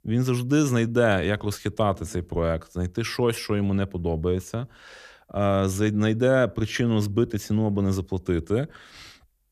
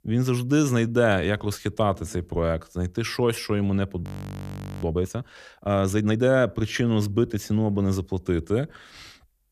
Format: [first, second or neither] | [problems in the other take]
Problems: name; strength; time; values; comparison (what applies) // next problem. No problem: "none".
first | audio freezing; at 4 s for 1 s